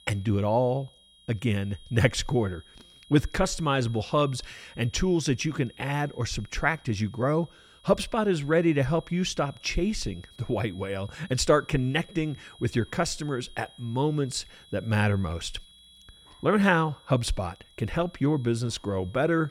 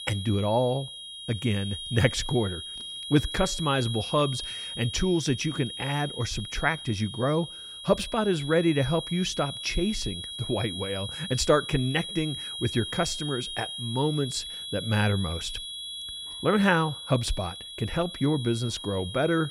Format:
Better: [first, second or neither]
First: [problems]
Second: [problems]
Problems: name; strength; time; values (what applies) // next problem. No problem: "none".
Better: first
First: high-pitched whine; faint; throughout; 3.5 kHz, 25 dB below the speech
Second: high-pitched whine; loud; throughout; 3.5 kHz, 7 dB below the speech